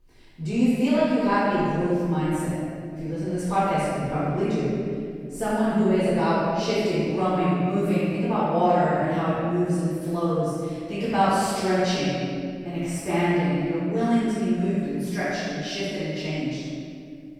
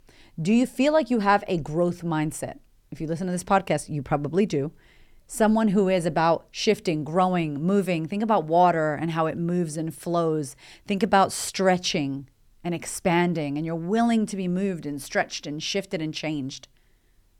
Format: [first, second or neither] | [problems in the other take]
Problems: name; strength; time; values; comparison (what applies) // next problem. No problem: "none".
second | room echo; strong; dies away in 2.1 s // off-mic speech; far